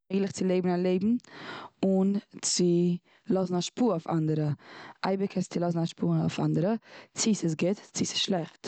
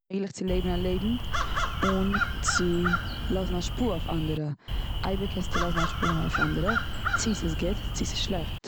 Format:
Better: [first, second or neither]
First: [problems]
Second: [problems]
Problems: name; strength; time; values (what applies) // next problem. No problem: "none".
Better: first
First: none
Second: background sound (Crow); 1 dB above the speech